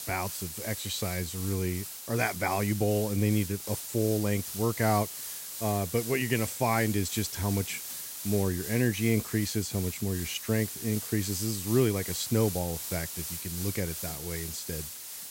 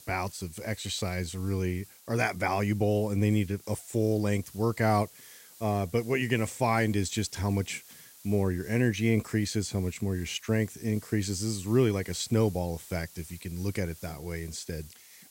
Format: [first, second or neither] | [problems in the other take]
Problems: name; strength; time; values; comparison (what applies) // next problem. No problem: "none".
second | hiss; loud; throughout; 6 dB below the speech; faint in the second